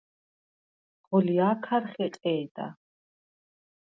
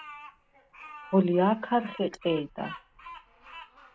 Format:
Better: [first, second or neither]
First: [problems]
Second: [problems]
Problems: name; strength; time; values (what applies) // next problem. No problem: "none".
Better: first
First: none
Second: background sound (Bird vocalization, bird call, bird song); 17 dB below the speech